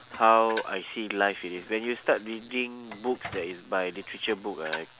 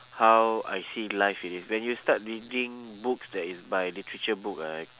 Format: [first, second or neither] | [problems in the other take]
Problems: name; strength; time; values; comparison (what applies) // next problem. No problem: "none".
second | background sound (Dishes, pots, and pans); 16 dB below the speech